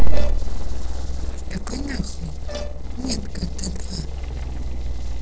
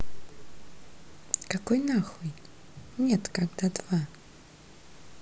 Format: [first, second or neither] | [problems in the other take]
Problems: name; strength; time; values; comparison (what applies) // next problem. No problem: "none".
second | noise reduction (neural separator model SepFormer DNS4)